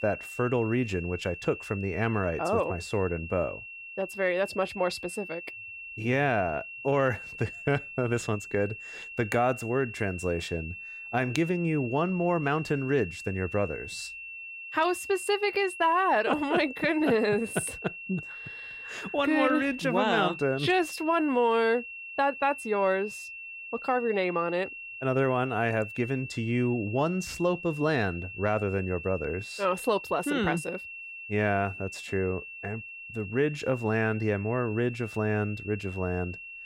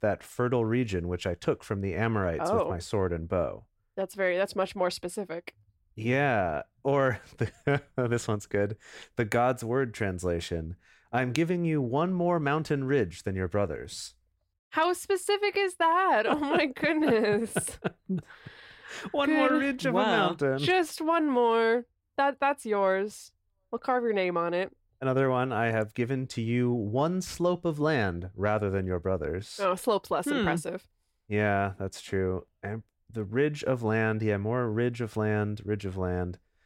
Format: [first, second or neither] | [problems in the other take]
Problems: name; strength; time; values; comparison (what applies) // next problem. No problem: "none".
second | high-pitched whine; noticeable; throughout; 2.5 kHz, 10 dB below the speech